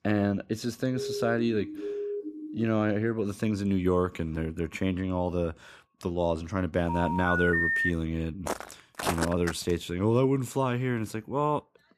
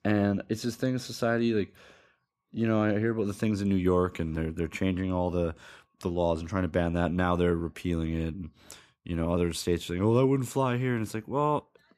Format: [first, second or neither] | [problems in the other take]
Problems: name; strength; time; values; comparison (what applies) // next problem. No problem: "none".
second | siren; noticeable; from 1 to 2.5 s; peak 5 dB below the speech // phone ringing; loud; from 7 to 8 s; peak 4 dB above the speech // footsteps; noticeable; from 8.5 to 9.5 s; peak 2 dB below the speech